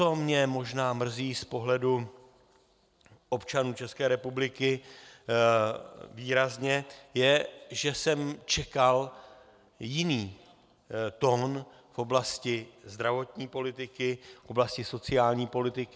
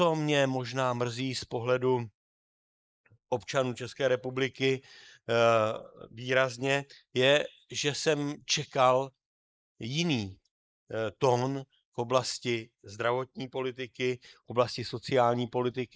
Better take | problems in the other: first | noise reduction (neural mask model Resemble Enhance denoiser)

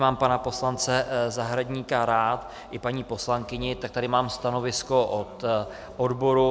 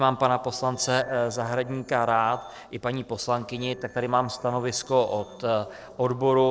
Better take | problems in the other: first | noise reduction (neural separator model SepFormer DNS4)

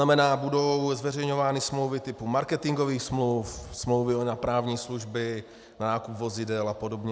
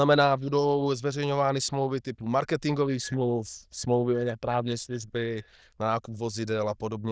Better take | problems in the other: first | noise reduction (neural diffusion model UNIVERSE++)

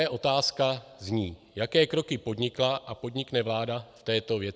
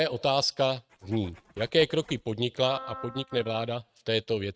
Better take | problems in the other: first | noise reduction (neural mask model RNNoise)

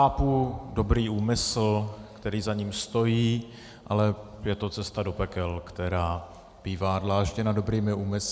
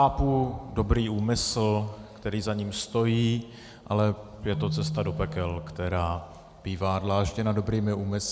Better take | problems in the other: first | background sound (Keyboard (musical)); 13 dB below the speech

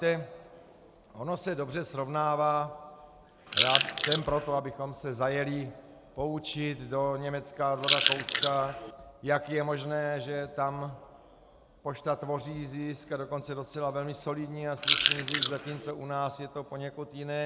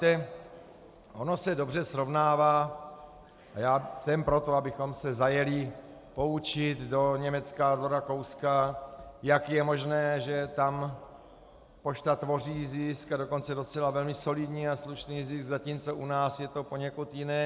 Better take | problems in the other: second | background sound (Chewing, mastication / Crushing); 3 dB above the speech

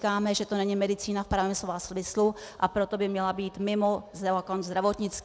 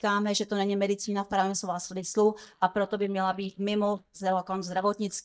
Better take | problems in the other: first | noise reduction (neural mask model DeepFilterNet 3)

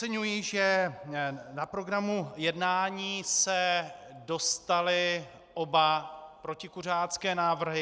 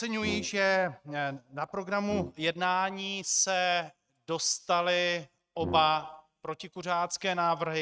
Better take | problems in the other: first | noise reduction (neural mask model RNNoise)

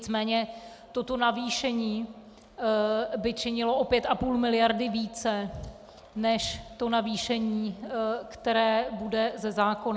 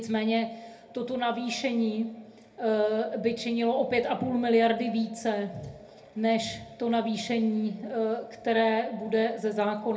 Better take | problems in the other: first | room echo; dies away in 0.3 s

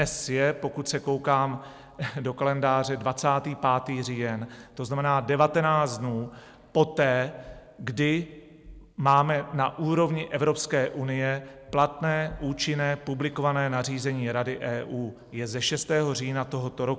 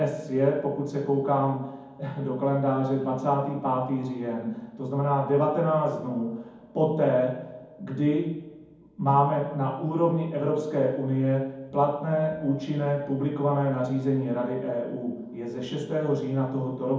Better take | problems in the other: first | room echo; dies away in 1.2 s

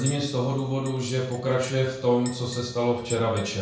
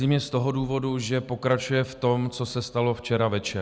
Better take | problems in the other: second | background sound (Chink, clink); 17 dB below the speech // room echo; dies away in 0.6 s

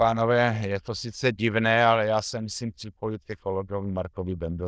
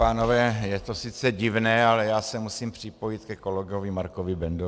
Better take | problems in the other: second | noise reduction (neural diffusion model UNIVERSE++)

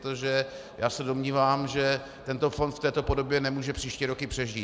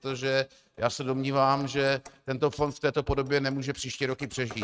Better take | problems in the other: first | noise reduction (neural mask model RNNoise)

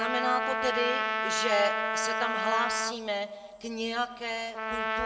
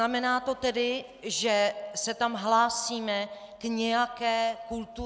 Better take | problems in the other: second | background sound (Trumpet); as loud as the speech // room echo; dies away in 1.1 s

